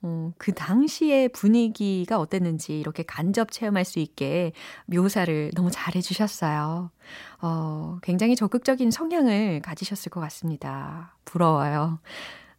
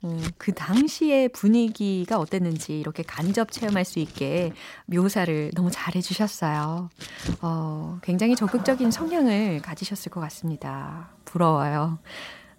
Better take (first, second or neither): first